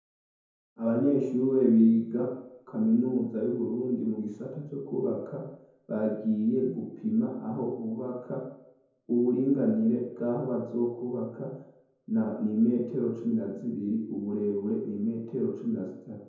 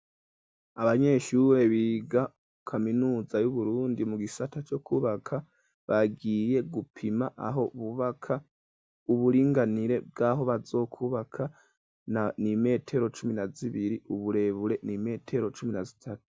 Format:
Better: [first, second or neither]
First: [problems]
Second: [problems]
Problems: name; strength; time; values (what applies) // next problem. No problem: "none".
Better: second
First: room echo; dies away in 0.9 s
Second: none